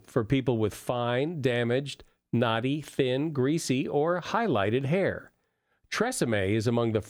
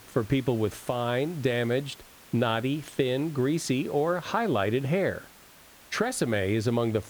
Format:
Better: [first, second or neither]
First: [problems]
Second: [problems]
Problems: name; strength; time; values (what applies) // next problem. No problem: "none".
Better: first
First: none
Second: hiss; faint; throughout; 20 dB below the speech